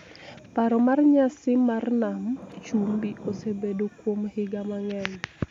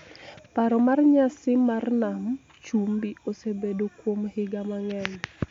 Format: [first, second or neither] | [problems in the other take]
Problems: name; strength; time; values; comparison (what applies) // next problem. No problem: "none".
second | background sound (Thunder / Rain); 19 dB below the speech